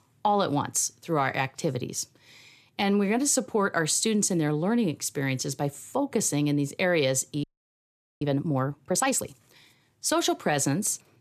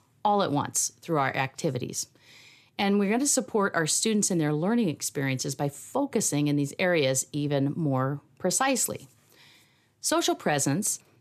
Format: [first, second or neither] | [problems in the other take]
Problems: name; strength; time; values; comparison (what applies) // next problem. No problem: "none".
second | audio freezing; at 7.5 s for 1 s